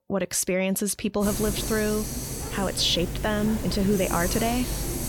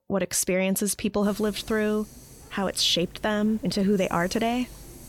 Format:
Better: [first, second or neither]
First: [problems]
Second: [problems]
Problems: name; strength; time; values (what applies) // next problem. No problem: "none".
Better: second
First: hiss; loud; from 1 s on; 5 dB below the speech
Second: hiss; faint; from 1 s on; 20 dB below the speech